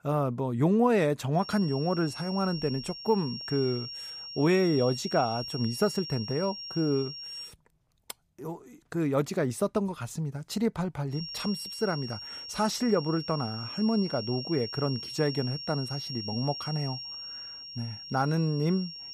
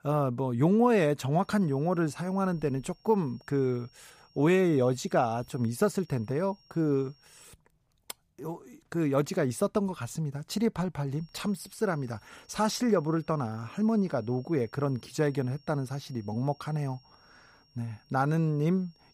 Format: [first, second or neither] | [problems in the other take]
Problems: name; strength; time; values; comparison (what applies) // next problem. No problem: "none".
second | high-pitched whine; loud; from 1.5 to 7.5 s and from 11 s on; 5.5 kHz, 8 dB below the speech; faint in the second